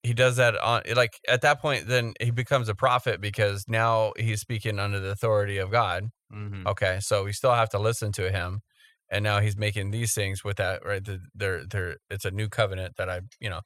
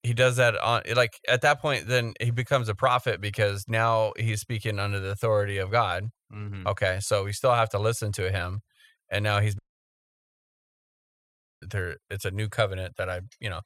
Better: first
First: none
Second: audio cutting out; at 9.5 s for 2 s

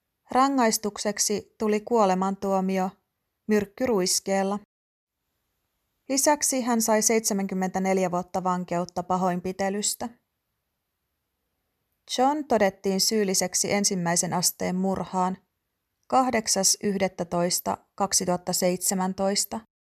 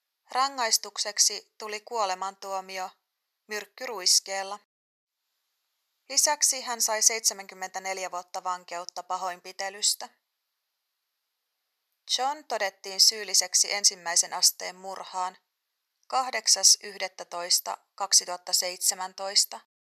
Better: first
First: none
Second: thin; very; fading below 850 Hz

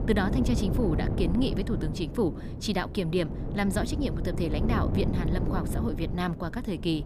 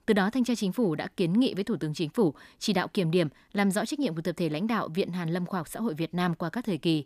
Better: second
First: wind noise on the microphone; heavy; 6 dB below the speech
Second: none

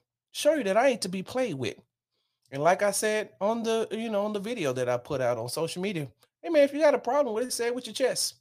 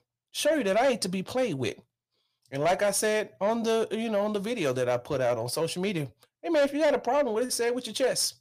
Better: first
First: none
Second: distortion; slight; 10 dB below the speech

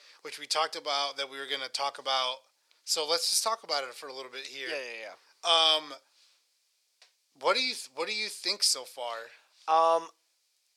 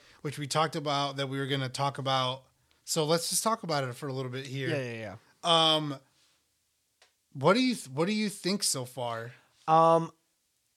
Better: second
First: thin; very; fading below 500 Hz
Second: none

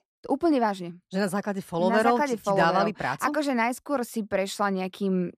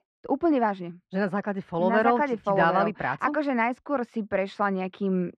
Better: first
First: none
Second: muffled; slightly; fading above 2 kHz

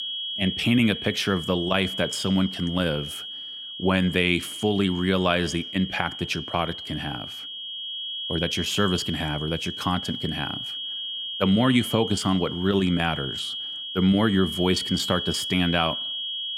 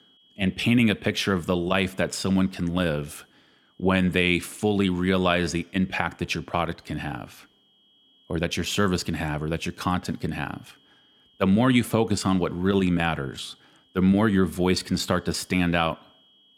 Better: second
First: high-pitched whine; loud; throughout; 3.5 kHz, 6 dB below the speech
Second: high-pitched whine; faint; throughout; 3.5 kHz, 35 dB below the speech

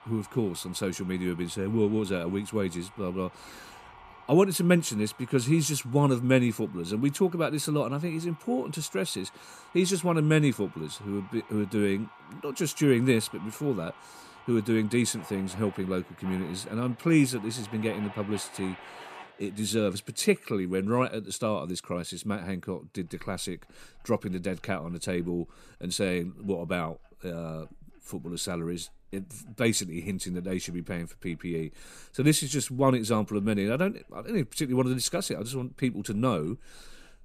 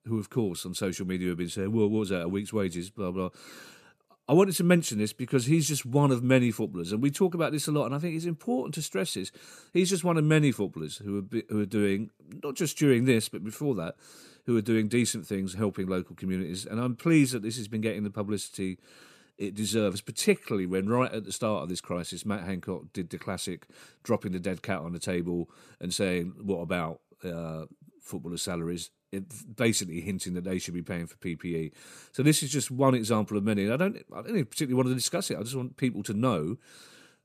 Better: second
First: household noises; faint; throughout; 20 dB below the speech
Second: none

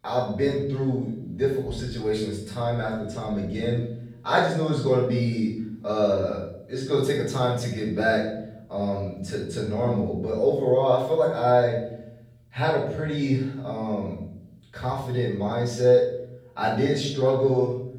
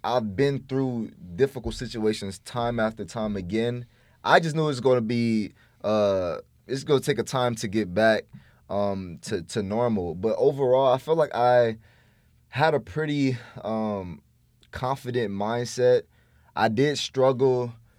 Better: second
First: off-mic speech; far // room echo; noticeable; dies away in 0.7 s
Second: none

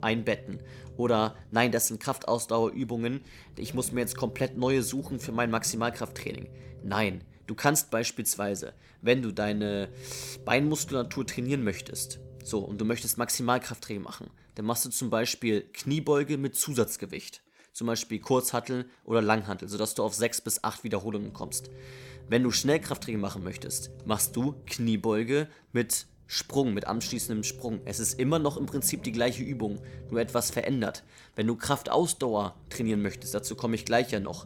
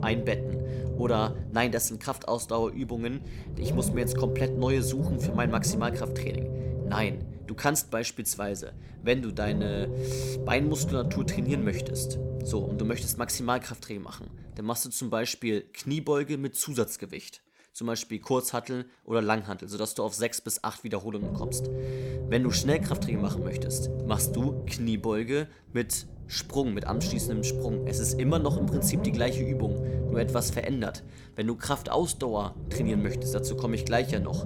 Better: first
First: low rumble; faint; until 15 s and from 21 s on; 20 dB below the speech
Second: low rumble; loud; until 15 s and from 21 s on; 6 dB below the speech

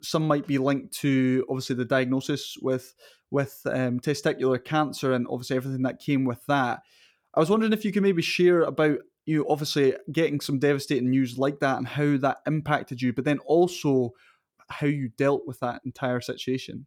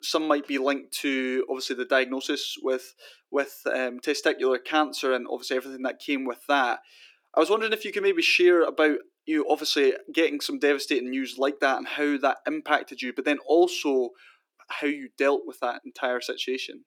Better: first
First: none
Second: thin; somewhat; fading below 300 Hz

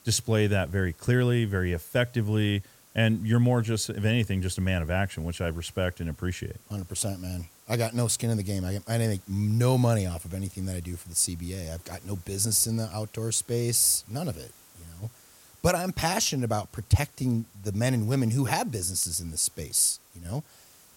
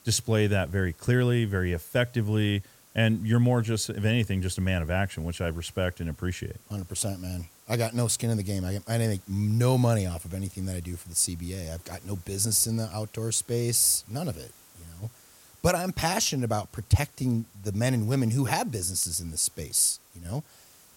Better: neither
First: hiss; faint; throughout; 25 dB below the speech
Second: hiss; faint; throughout; 25 dB below the speech

